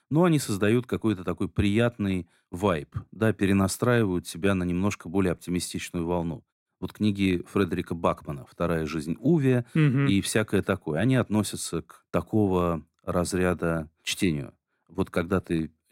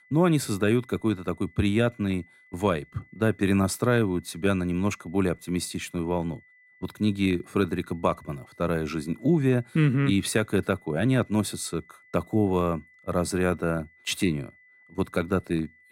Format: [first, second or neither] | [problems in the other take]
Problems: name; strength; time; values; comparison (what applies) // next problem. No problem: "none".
first | high-pitched whine; faint; throughout; 2 kHz, 30 dB below the speech